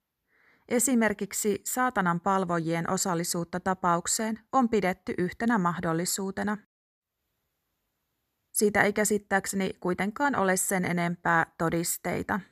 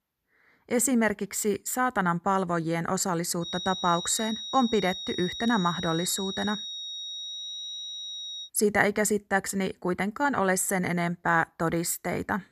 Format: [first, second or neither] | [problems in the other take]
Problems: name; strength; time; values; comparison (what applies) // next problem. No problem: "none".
first | high-pitched whine; loud; from 3.5 to 8.5 s; 4 kHz, 7 dB below the speech